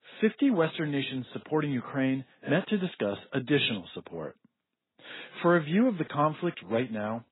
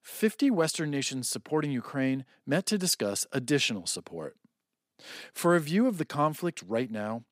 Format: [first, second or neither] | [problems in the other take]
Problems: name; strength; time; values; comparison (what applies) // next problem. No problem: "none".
second | garbled, watery; badly; nothing above 4 kHz